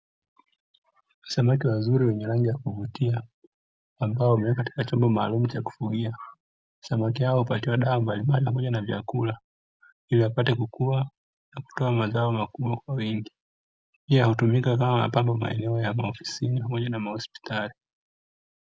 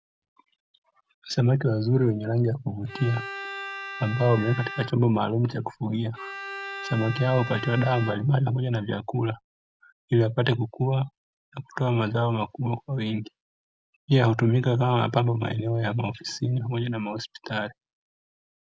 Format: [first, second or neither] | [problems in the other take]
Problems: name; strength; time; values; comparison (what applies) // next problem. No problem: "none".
first | background sound (Bowed string instrument); 12 dB below the speech